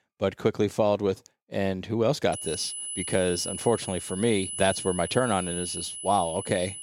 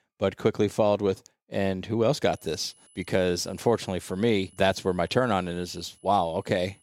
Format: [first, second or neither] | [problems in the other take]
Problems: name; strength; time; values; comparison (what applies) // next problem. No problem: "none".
second | high-pitched whine; loud; from 2.5 s on; 10 kHz, 6 dB below the speech; faint in the second